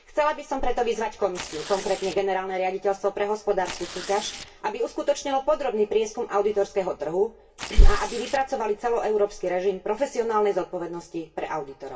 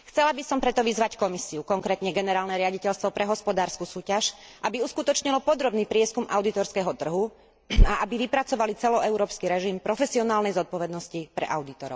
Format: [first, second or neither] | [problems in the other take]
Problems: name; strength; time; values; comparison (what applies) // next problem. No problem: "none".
second | background sound (Tearing); 16 dB below the speech // room echo; dies away in 0.2 s